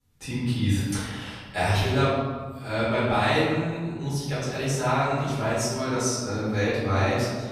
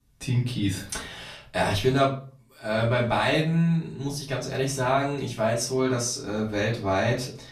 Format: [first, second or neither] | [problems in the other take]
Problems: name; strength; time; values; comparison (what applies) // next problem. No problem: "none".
second | room echo; strong; dies away in 1.3 s; slight in the second // off-mic speech; far; far in the second